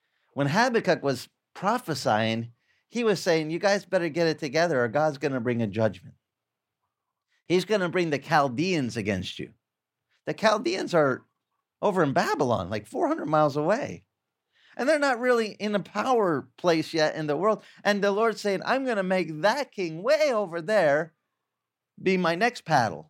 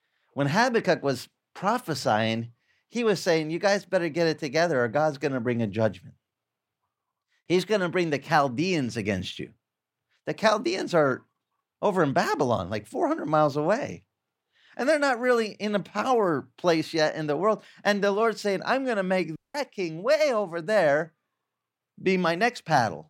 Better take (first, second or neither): first